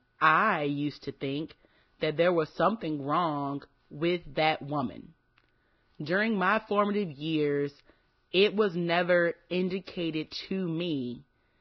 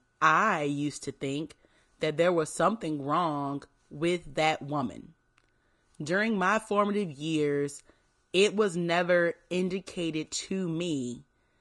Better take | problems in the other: second | garbled, watery; badly; nothing above 5.5 kHz; slightly in the second

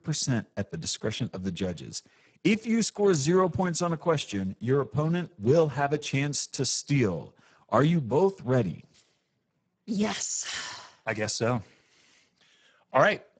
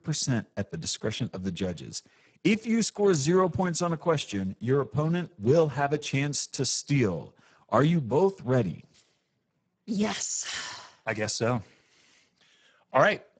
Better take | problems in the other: neither | garbled, watery; badly; nothing above 8 kHz; the same in both

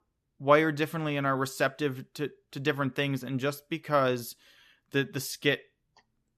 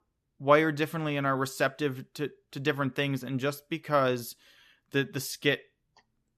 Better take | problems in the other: neither | none

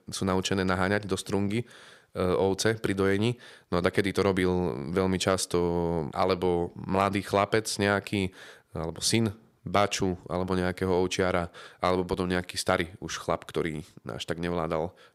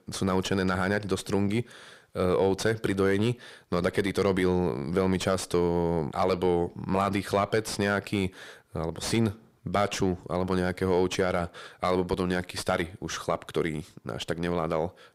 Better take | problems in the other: first | distortion; slight; 10 dB below the speech

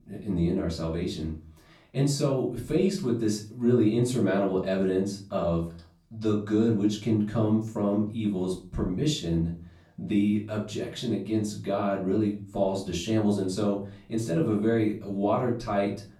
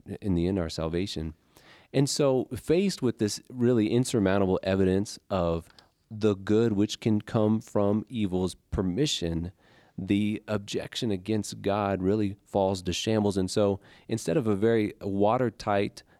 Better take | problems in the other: second | off-mic speech; far // room echo; slight; dies away in 0.3 s

